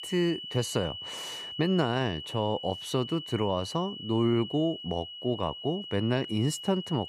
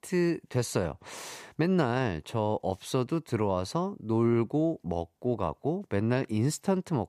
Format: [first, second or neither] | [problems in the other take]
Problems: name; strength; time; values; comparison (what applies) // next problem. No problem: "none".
second | high-pitched whine; loud; throughout; 3 kHz, 9 dB below the speech